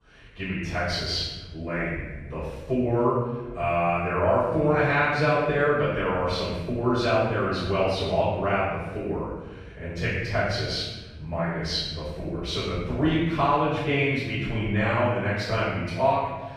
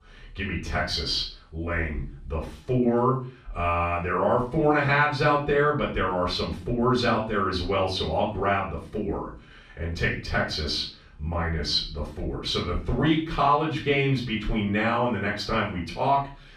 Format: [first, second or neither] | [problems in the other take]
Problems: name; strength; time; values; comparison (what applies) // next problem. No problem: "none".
second | room echo; strong; dies away in 1.3 s; slight in the second // off-mic speech; far; far in the second